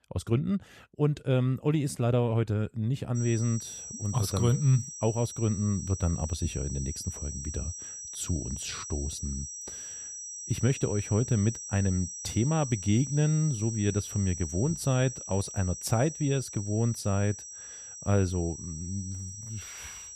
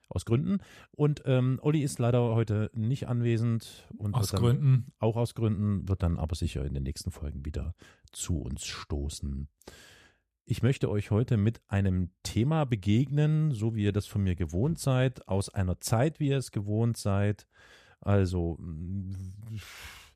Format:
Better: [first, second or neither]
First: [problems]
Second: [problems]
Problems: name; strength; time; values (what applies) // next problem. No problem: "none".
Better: second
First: high-pitched whine; loud; from 3 s on; 6 kHz, 9 dB below the speech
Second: none